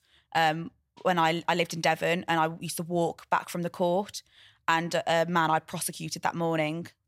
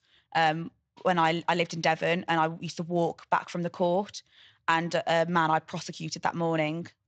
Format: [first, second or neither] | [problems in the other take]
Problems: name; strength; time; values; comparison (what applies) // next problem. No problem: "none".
first | garbled, watery; slightly; nothing above 7.5 kHz